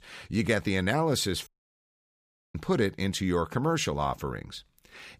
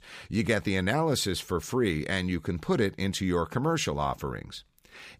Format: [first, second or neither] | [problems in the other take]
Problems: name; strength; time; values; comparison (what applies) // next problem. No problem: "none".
second | audio cutting out; at 1.5 s for 1 s